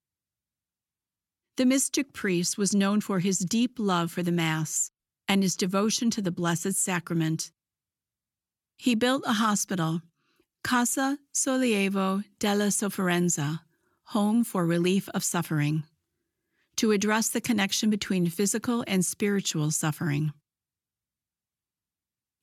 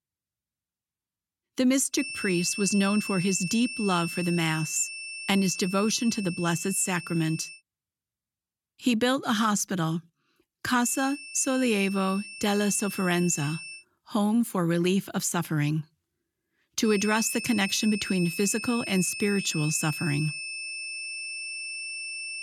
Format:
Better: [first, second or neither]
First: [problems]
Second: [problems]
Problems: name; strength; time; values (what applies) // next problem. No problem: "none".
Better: first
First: none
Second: high-pitched whine; loud; from 2 to 7.5 s, from 11 to 14 s and from 17 s on; 2.5 kHz, 8 dB below the speech